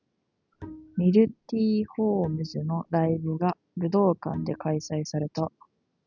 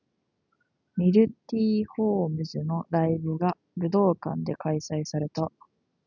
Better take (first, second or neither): second